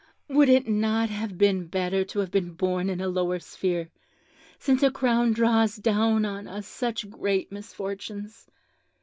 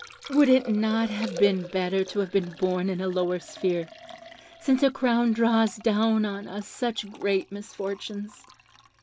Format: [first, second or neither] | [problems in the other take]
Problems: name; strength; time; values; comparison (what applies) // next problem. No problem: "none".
first | background sound (Liquid); 18 dB below the speech